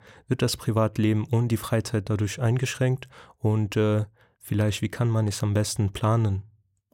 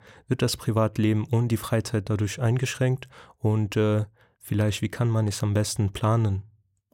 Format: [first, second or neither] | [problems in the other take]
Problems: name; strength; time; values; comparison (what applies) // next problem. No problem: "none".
neither | none